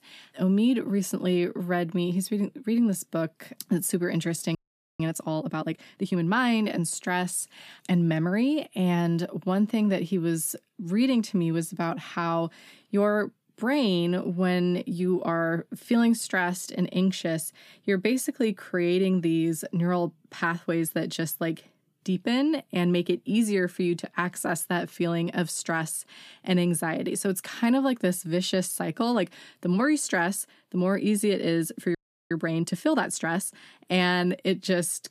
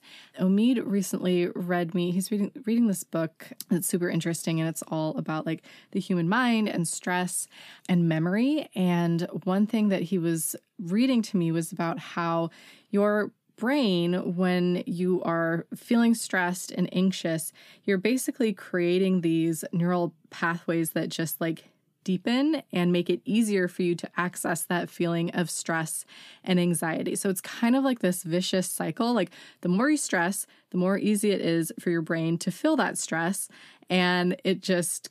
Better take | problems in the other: second | audio freezing; at 4.5 s and at 32 s

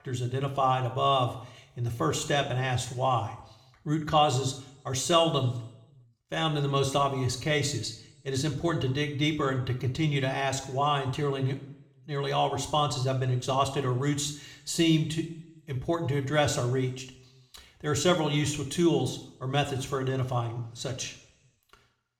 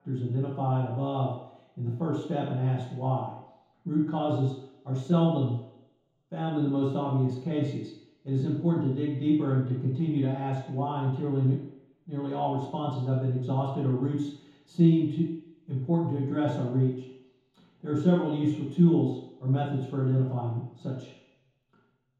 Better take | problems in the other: first | room echo; strong; dies away in 0.8 s; slight in the first // off-mic speech; far

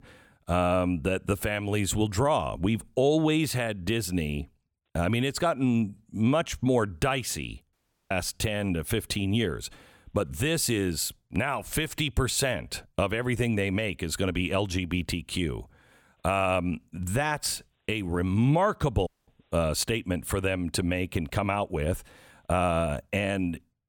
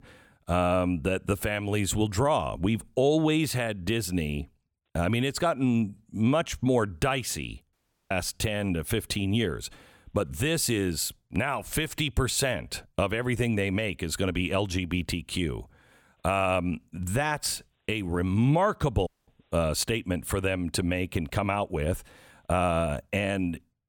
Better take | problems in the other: neither | audio cutting out; at 7.5 s and at 19 s; the same in both

